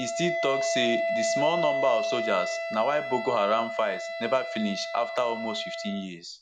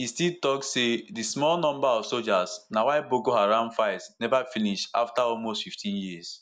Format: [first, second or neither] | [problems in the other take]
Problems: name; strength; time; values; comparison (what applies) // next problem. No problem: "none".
second | background sound (Wind instrument, woodwind instrument); 2 dB below the speech